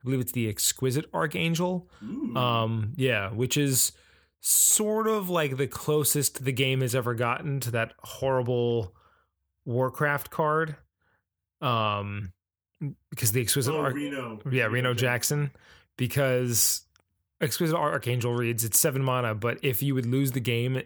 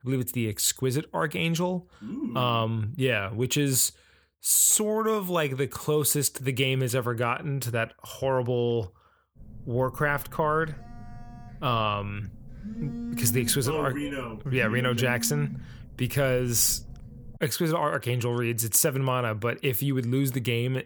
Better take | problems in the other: first | phone ringing; noticeable; from 9.5 to 17 s; peak 7 dB below the speech

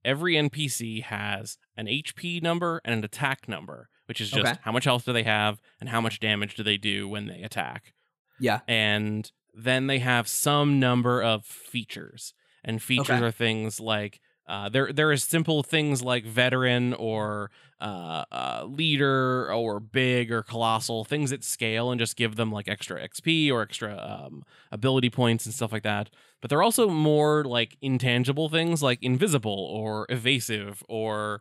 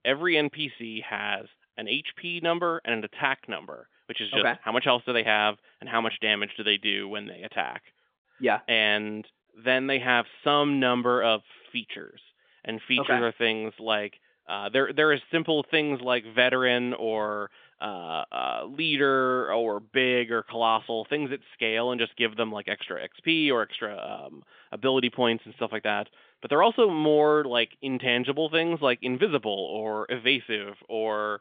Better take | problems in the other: first | phone-call audio; nothing above 3.5 kHz

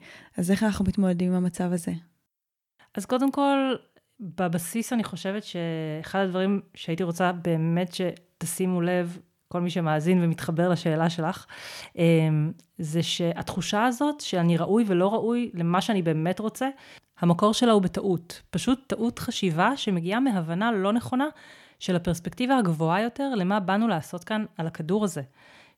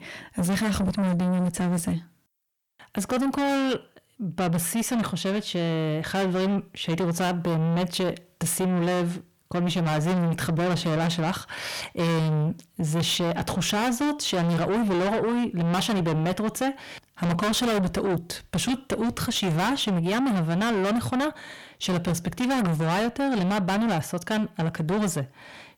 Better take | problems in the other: first | distortion; heavy; 6 dB below the speech

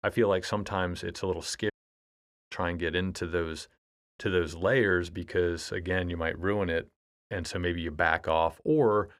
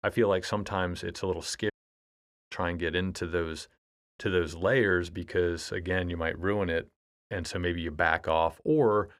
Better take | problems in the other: neither | audio cutting out; at 1.5 s for 1 s; the same in both

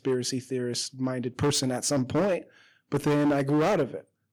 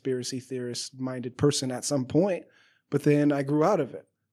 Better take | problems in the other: second | distortion; heavy; 10% of the sound clipped

